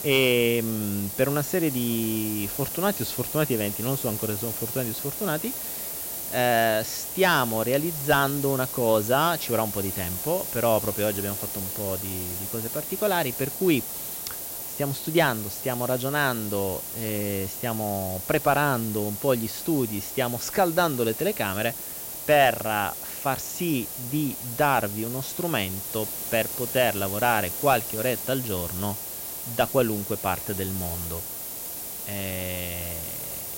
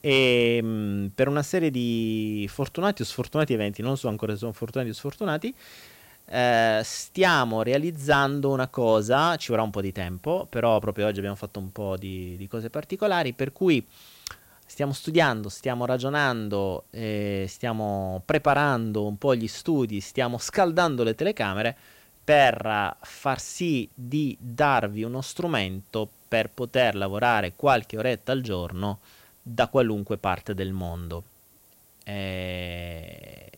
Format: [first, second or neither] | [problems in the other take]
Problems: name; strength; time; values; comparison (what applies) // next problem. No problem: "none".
second | hiss; loud; throughout; 5 dB below the speech; faint in the second